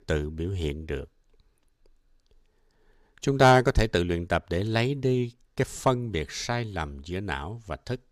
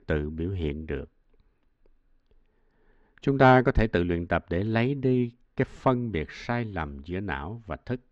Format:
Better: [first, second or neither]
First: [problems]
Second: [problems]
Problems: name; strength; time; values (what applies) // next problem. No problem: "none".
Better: first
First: none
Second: muffled; slightly; fading above 2 kHz